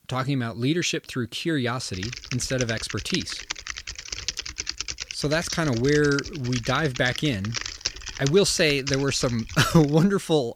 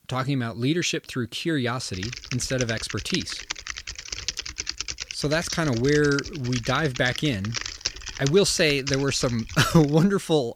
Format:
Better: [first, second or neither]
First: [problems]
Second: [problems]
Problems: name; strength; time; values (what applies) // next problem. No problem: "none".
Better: neither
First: keyboard typing; noticeable; from 2 to 10 s; peak 4 dB below the speech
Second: keyboard typing; noticeable; from 2 to 10 s; peak 4 dB below the speech